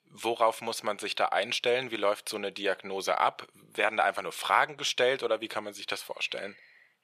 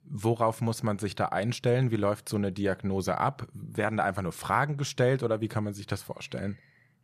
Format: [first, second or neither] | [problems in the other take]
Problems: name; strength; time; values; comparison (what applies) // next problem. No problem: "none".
second | thin; very; fading below 550 Hz